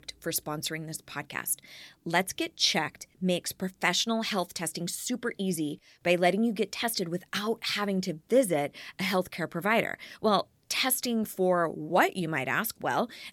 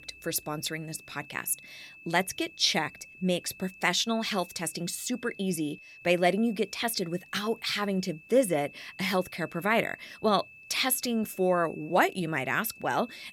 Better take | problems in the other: first | high-pitched whine; noticeable; throughout; 2.5 kHz, 20 dB below the speech

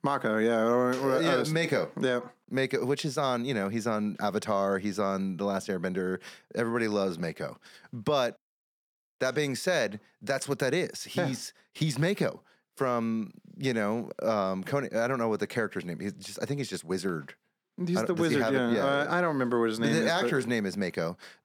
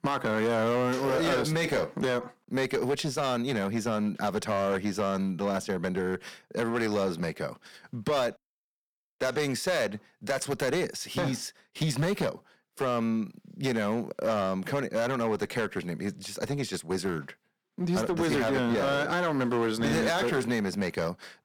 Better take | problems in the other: first | distortion; slight; 10% of the sound clipped

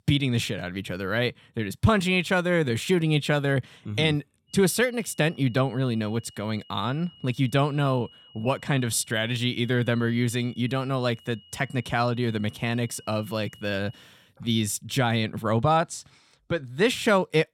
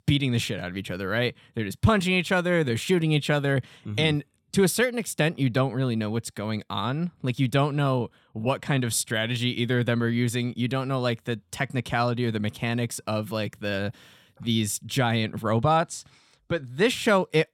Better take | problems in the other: second | high-pitched whine; faint; from 4.5 to 14 s; 3 kHz, 25 dB below the speech

